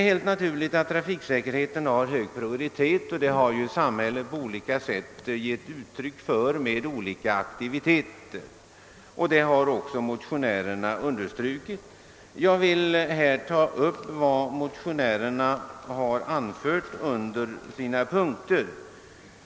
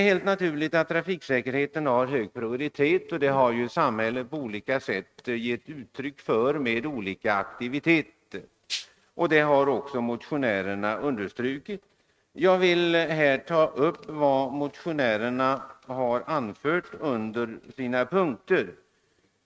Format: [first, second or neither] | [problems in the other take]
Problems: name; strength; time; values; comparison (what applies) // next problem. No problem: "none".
first | noise reduction (neural mask model RNNoise)